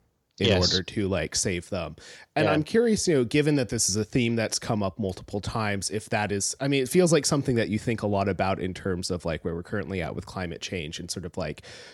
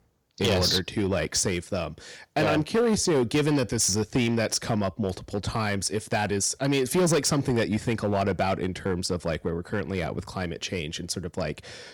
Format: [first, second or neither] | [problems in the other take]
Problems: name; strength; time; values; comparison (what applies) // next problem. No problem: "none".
first | distortion; slight; 7% of the sound clipped